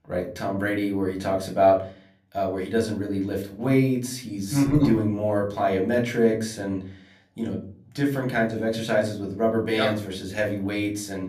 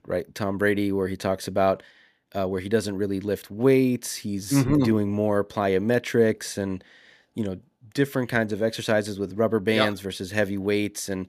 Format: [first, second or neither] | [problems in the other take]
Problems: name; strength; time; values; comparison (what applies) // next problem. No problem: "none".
second | room echo; slight; dies away in 0.4 s // off-mic speech; somewhat distant